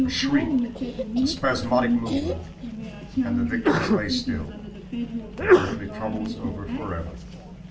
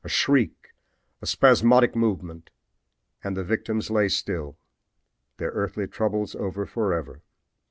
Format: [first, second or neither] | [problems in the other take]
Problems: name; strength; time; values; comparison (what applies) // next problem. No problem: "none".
second | background sound (Sneeze); 4 dB above the speech // room echo; dies away in 0.3 s